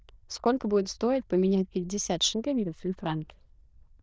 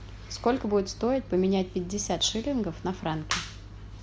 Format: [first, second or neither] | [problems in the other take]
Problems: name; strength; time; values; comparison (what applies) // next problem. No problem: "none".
second | noise reduction (neural diffusion model UNIVERSE++)